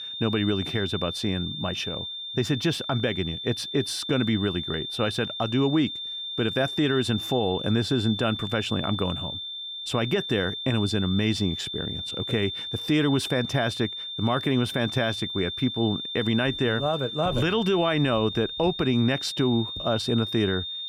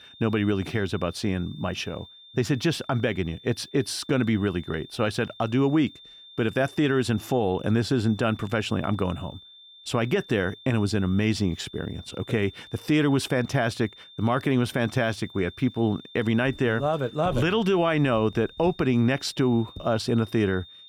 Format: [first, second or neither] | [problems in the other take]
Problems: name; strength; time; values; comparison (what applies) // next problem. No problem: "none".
second | high-pitched whine; loud; throughout; 3.5 kHz, 5 dB below the speech; faint in the second